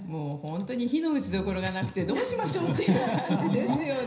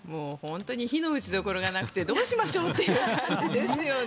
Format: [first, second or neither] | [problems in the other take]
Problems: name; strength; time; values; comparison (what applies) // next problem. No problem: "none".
second | room echo; dies away in 0.5 s